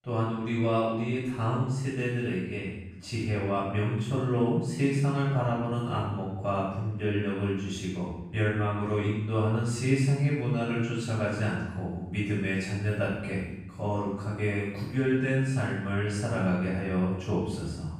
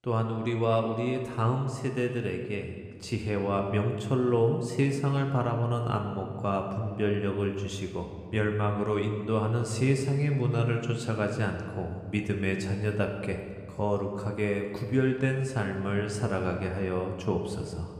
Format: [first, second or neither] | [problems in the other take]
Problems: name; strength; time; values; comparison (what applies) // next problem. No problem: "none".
second | room echo; strong; dies away in 0.9 s; slight in the second // off-mic speech; far